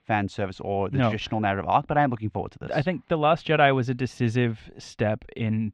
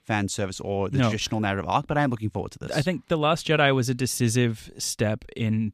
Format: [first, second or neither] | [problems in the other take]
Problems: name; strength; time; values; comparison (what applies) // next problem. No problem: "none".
second | muffled; very; fading above 2.5 kHz